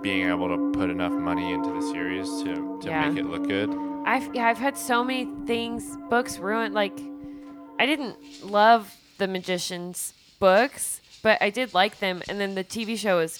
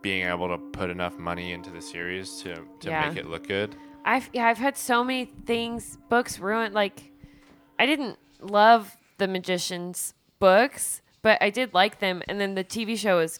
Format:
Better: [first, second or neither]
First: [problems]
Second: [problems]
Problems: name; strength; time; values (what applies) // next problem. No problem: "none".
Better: second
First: background music; loud; throughout; 5 dB below the speech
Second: background music; faint; throughout; 20 dB below the speech